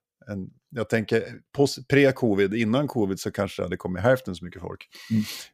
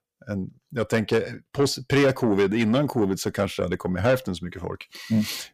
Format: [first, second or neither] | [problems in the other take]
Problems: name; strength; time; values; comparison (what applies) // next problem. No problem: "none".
first | distortion; slight; 10 dB below the speech